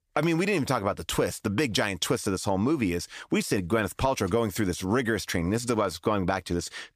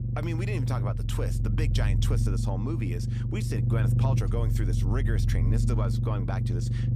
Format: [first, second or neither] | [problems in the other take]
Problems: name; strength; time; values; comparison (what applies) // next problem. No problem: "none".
first | low rumble; loud; throughout; 2 dB below the speech